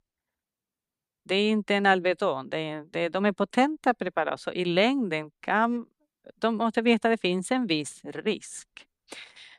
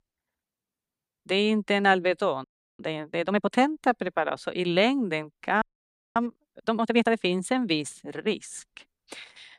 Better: first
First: none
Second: audio freezing; at 2.5 s and at 5.5 s for 0.5 s

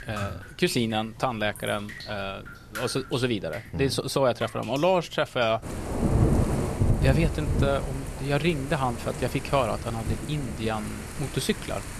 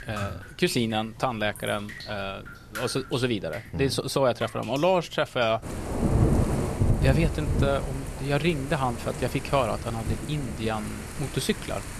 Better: neither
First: rain or running water; loud; throughout; 3 dB below the speech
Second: rain or running water; loud; throughout; 3 dB below the speech

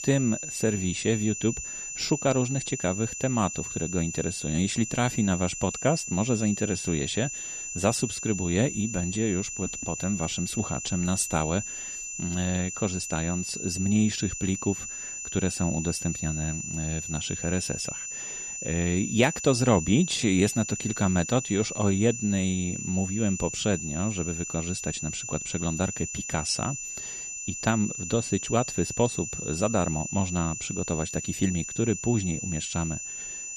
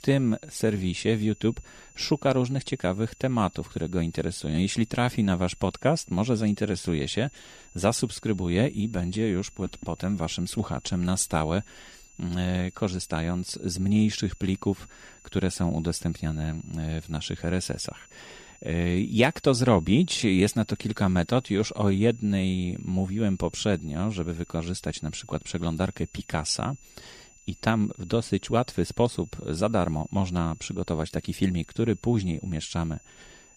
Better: second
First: high-pitched whine; loud; throughout; 7 kHz, 5 dB below the speech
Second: high-pitched whine; faint; throughout; 7 kHz, 25 dB below the speech

